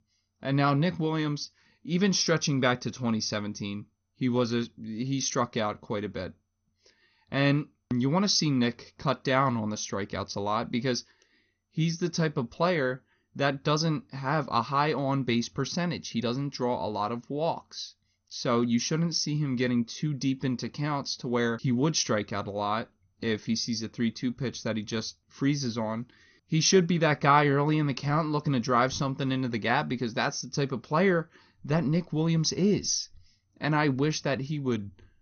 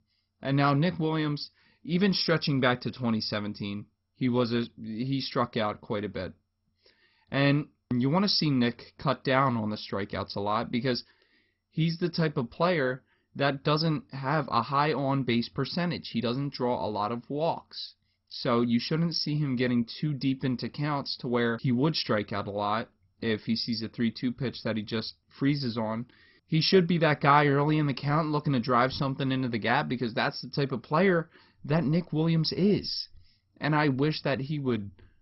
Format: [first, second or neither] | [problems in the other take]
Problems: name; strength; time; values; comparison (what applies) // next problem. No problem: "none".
first | garbled, watery; badly; nothing above 5.5 kHz; slightly in the first